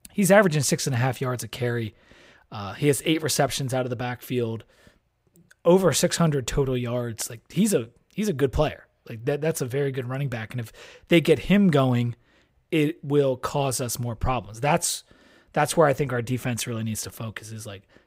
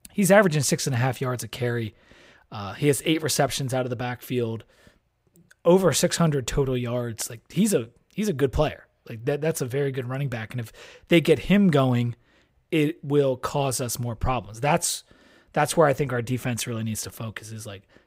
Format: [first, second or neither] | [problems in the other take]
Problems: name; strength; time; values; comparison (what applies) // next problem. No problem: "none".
neither | none